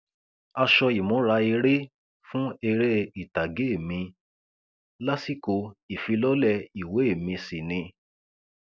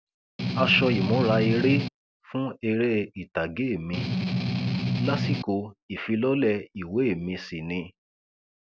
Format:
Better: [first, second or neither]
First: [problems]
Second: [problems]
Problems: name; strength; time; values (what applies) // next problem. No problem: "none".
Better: first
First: none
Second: background sound (Strum); 1 dB above the speech